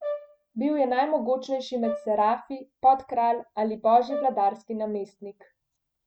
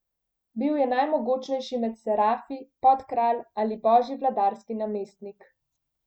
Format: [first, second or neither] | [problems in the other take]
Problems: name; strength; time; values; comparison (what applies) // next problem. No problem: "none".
second | background sound (Brass instrument); 12 dB below the speech